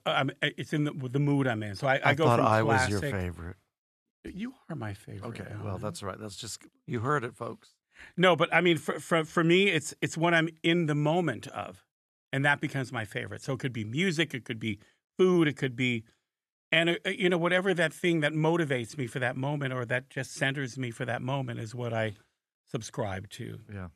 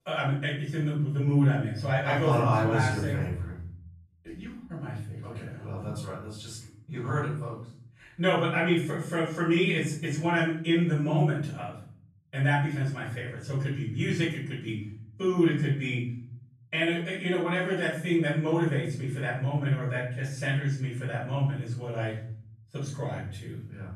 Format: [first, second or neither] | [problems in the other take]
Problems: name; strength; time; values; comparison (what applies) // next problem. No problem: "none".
first | off-mic speech; far // room echo; noticeable; dies away in 1 s